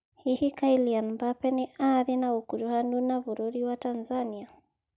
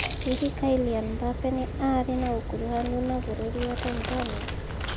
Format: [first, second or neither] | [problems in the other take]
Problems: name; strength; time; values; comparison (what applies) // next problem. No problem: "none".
first | background sound (Chewing, mastication + Fire); 3 dB below the speech